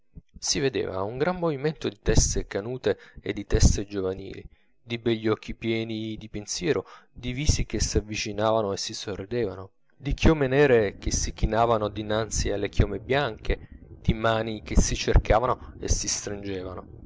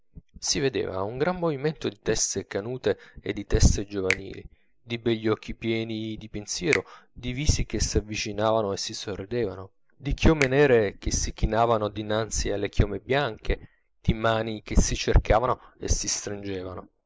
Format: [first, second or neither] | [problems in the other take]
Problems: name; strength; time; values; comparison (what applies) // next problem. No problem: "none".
first | noise reduction (neural mask model Resemble Enhance denoiser)